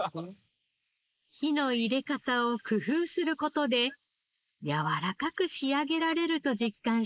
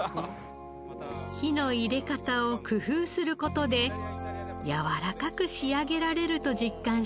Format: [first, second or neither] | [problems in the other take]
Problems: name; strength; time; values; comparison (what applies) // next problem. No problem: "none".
second | noise reduction (neural mask model Resemble Enhance denoiser)